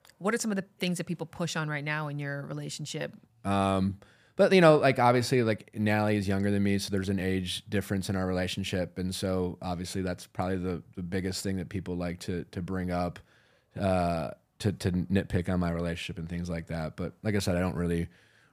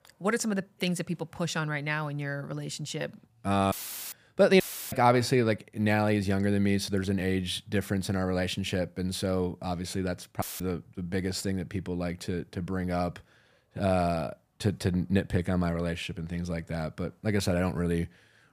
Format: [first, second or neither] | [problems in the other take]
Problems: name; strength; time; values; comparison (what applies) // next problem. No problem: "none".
first | audio cutting out; filled with static; at 3.5 s, at 4.5 s and at 10 s